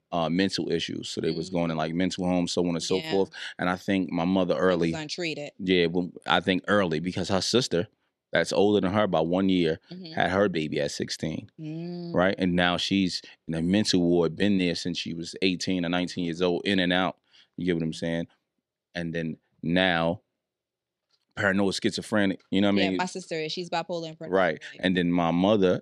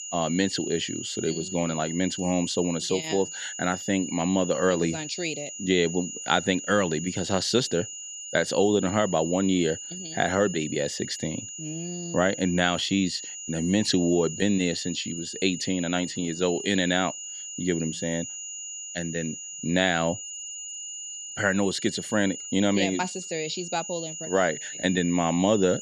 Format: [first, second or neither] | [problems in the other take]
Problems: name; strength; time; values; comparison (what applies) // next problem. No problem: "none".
first | high-pitched whine; loud; throughout; 7 kHz, 8 dB below the speech